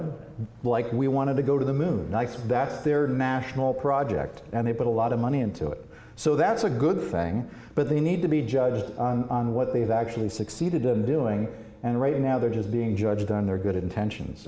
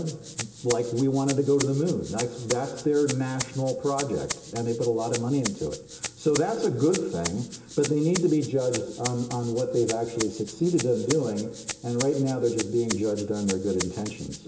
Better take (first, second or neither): first